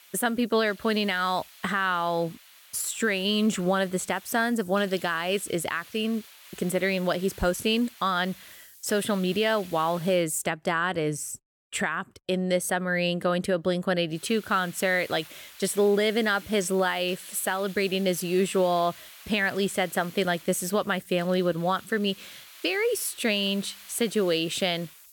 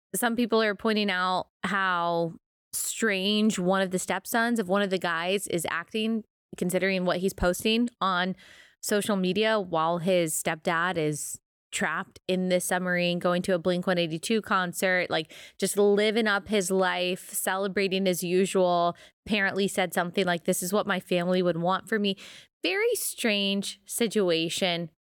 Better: second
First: hiss; noticeable; until 10 s and from 14 s on; 20 dB below the speech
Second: none

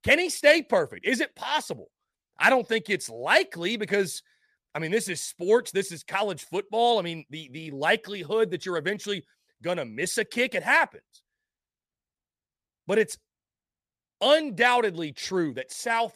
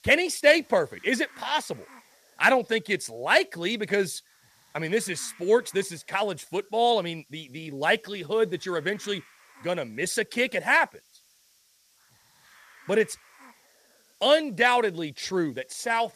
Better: first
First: none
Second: hiss; faint; throughout; 30 dB below the speech

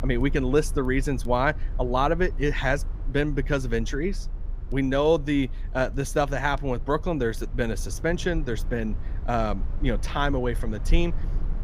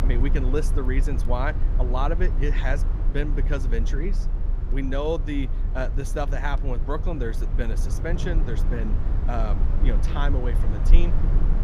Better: first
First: low rumble; faint; throughout; 25 dB below the speech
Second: low rumble; loud; throughout; 9 dB below the speech

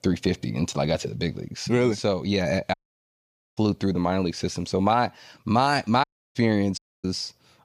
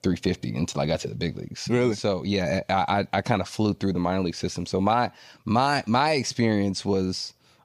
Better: second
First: audio cutting out; at 2.5 s for 1 s, at 6 s and at 7 s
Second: none

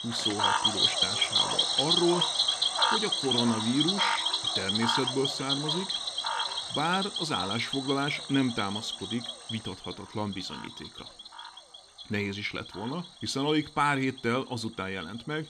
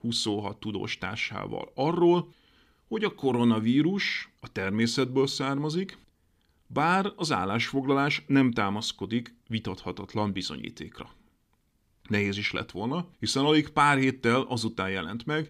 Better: second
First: animal sounds; very loud; throughout; 4 dB above the speech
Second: none

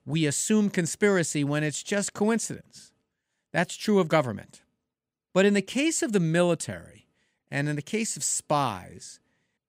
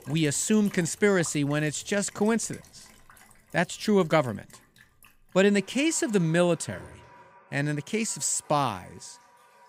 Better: first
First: none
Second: household noises; faint; throughout; 25 dB below the speech

